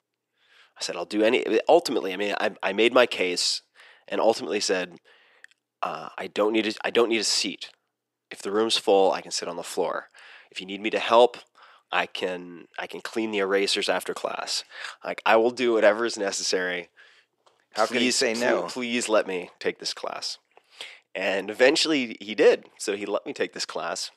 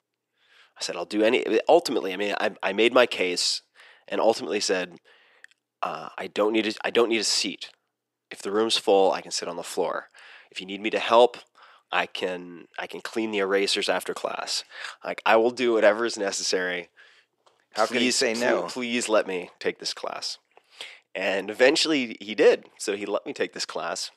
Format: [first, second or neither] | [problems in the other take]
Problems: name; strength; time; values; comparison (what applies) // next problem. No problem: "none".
neither | thin; somewhat; fading below 350 Hz; the same in both